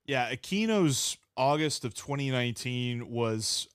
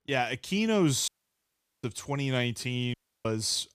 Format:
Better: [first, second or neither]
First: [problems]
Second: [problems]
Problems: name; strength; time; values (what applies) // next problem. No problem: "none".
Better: first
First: none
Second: audio cutting out; at 1 s for 1 s and at 3 s